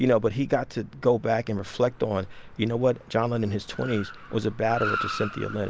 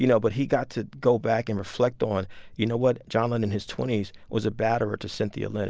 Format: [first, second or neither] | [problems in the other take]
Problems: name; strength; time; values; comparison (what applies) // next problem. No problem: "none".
second | background sound (Car); 12 dB below the speech